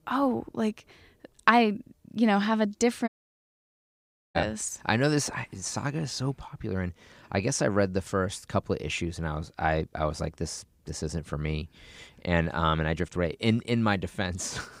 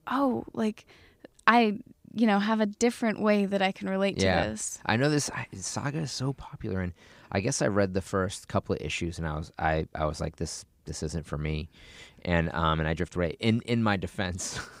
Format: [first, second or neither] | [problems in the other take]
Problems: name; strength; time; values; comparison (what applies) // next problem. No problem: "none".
second | audio cutting out; at 3 s for 1.5 s